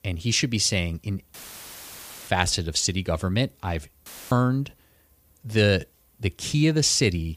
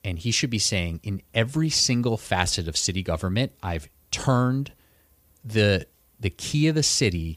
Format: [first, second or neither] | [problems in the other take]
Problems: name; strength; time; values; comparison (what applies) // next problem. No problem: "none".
second | audio cutting out; filled with static; at 1.5 s for 1 s and at 4 s